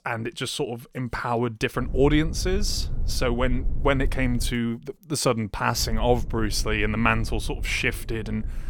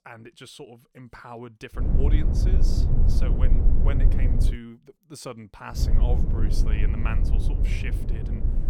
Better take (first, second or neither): first